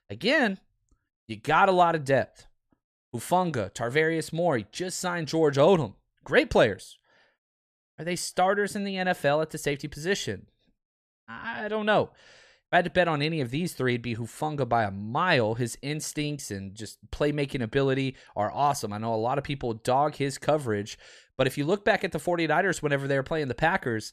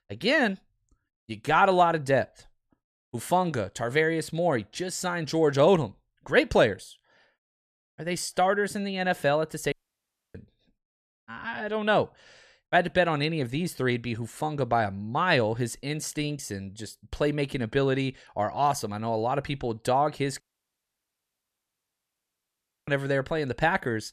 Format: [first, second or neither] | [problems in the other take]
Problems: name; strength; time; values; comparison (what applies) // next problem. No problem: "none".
first | audio cutting out; at 9.5 s for 0.5 s and at 20 s for 2.5 s